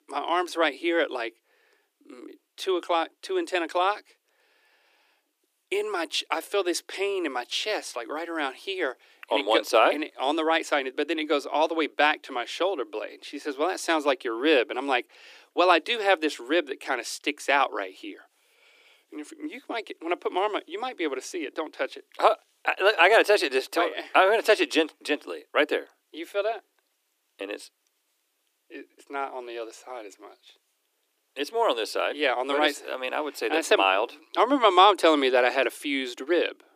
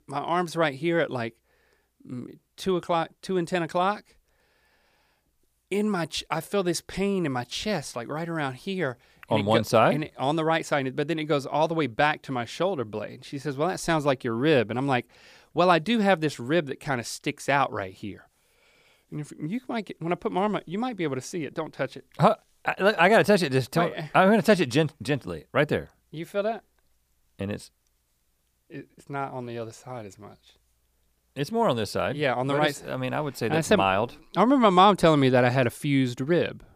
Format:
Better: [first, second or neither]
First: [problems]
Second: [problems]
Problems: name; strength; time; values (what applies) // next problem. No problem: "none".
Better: second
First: thin; somewhat; fading below 300 Hz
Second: none